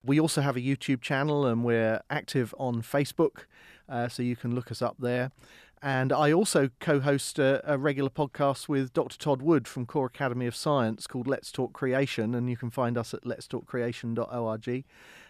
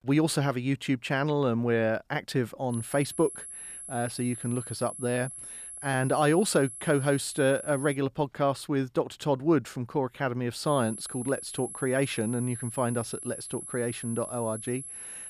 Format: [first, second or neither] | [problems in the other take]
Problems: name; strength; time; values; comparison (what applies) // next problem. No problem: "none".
first | high-pitched whine; loud; from 2.5 to 8 s and from 11 s on; 11 kHz, 10 dB below the speech